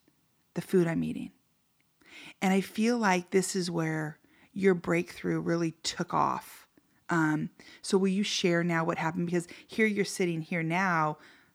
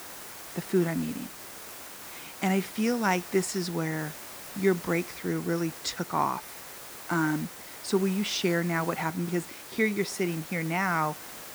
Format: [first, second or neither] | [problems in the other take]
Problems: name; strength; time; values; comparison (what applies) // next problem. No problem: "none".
first | hiss; noticeable; throughout; 10 dB below the speech